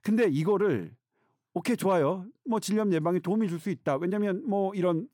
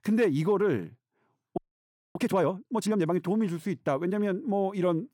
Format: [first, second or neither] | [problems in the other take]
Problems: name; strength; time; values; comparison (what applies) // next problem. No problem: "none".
first | audio freezing; at 1.5 s for 0.5 s